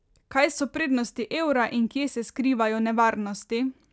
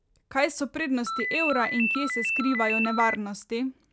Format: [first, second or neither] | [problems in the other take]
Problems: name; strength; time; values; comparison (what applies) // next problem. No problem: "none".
first | background sound (Ringtone); 1 dB below the speech